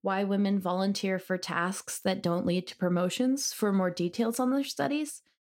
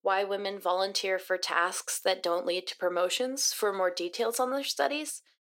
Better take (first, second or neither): first